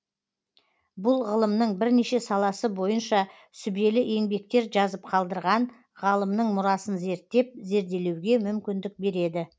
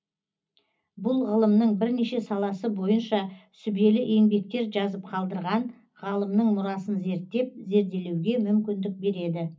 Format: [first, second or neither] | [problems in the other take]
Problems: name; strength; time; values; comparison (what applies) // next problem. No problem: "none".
first | room echo; dies away in 0.4 s